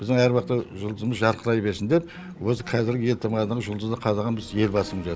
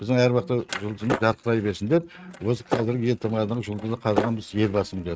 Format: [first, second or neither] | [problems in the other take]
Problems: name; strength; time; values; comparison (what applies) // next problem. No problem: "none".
first | noise reduction (neural mask model RNNoise)